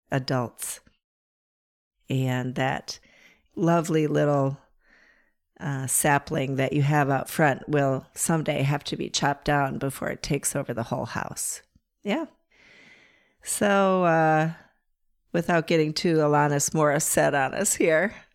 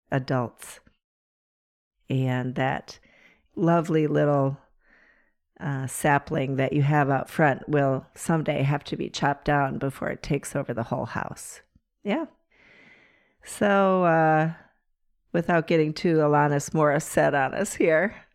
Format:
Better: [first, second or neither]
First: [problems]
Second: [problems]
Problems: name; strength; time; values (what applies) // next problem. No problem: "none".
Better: first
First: none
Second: muffled; slightly; fading above 3.5 kHz